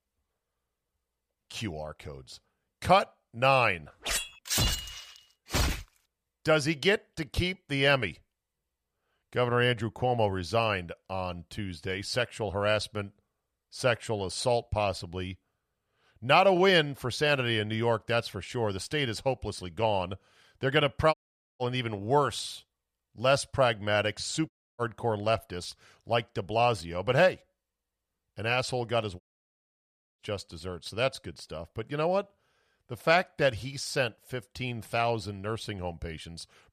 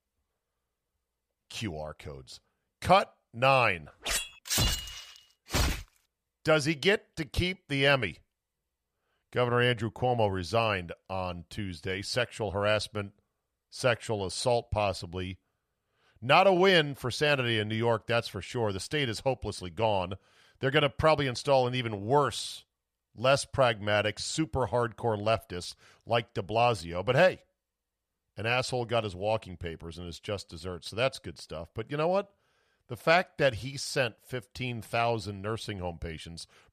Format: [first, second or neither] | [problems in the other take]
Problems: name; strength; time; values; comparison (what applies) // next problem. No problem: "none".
second | audio cutting out; at 21 s, at 25 s and at 29 s for 1 s